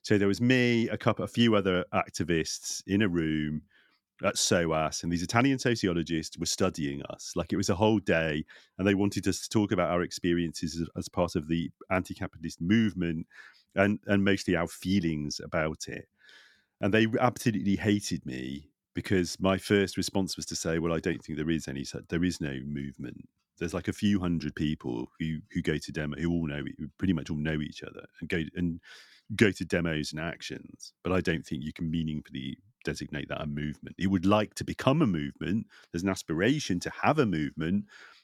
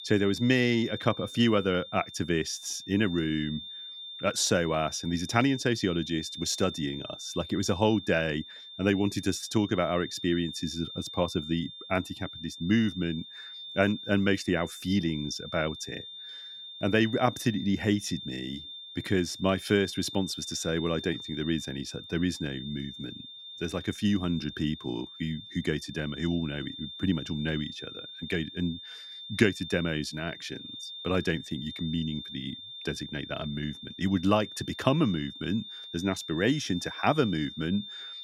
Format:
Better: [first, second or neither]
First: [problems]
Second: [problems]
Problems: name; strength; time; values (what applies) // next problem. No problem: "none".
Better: first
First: none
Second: high-pitched whine; noticeable; throughout; 3.5 kHz, 10 dB below the speech